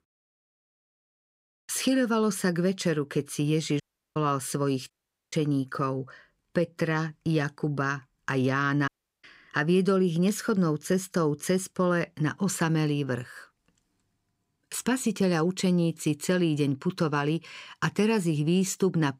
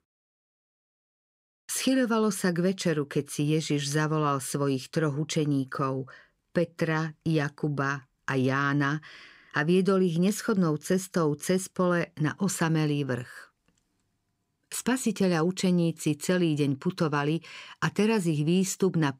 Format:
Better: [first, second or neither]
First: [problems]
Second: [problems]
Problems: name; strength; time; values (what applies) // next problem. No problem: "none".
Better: second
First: audio cutting out; at 4 s, at 5 s and at 9 s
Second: none